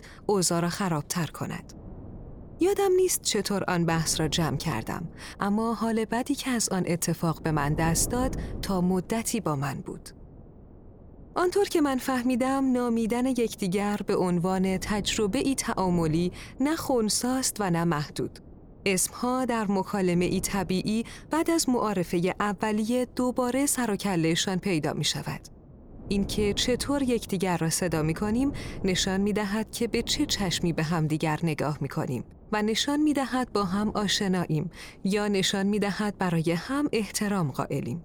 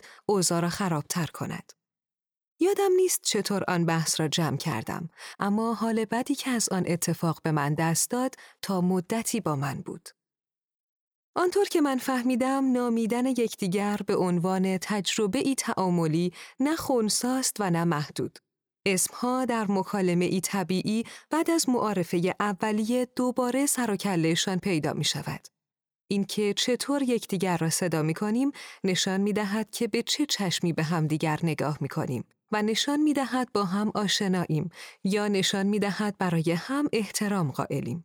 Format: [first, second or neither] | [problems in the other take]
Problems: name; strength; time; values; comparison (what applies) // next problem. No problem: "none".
second | wind noise on the microphone; occasional gusts; 20 dB below the speech